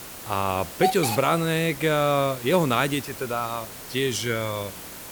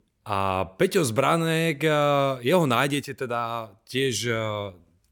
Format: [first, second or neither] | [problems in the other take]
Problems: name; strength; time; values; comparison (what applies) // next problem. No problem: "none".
second | hiss; loud; throughout; 9 dB below the speech